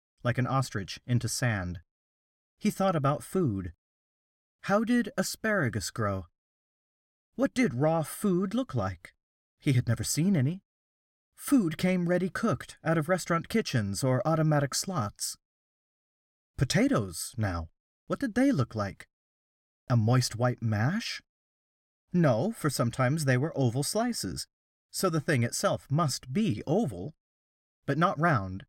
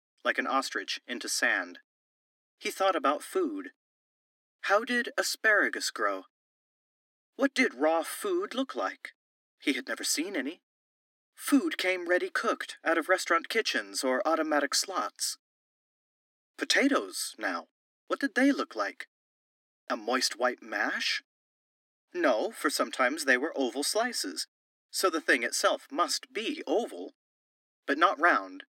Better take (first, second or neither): first